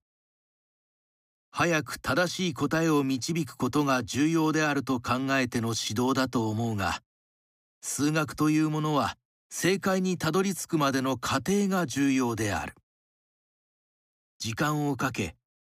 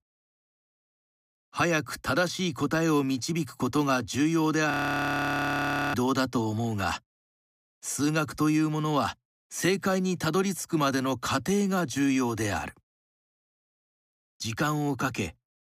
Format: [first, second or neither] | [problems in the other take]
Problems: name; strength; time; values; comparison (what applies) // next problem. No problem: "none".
first | audio freezing; at 4.5 s for 1 s